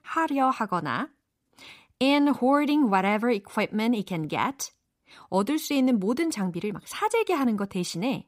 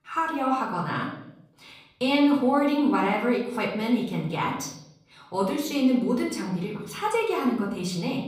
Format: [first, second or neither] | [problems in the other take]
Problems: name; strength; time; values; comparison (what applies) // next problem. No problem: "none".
first | room echo; noticeable; dies away in 0.7 s // off-mic speech; far